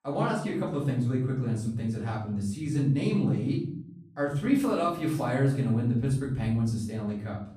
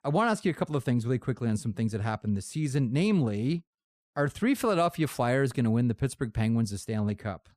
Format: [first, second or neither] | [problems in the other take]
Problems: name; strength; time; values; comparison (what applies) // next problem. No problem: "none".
second | off-mic speech; far // room echo; noticeable; dies away in 0.6 s